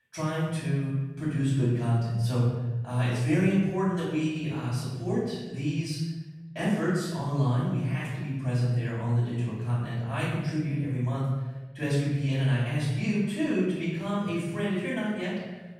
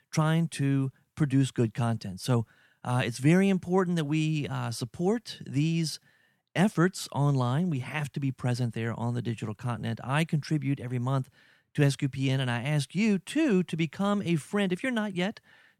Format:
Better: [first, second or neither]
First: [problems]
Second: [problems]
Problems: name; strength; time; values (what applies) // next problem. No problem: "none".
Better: second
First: room echo; strong; dies away in 1.2 s // off-mic speech; far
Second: none